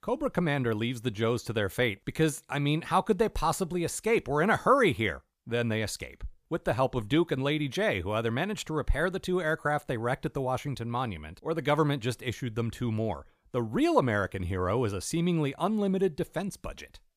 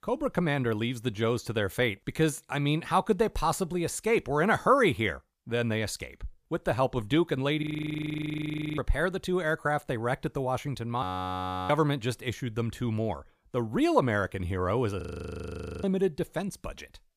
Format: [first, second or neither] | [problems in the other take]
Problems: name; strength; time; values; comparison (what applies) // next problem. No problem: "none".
first | audio freezing; at 7.5 s for 1 s, at 11 s for 0.5 s and at 15 s for 1 s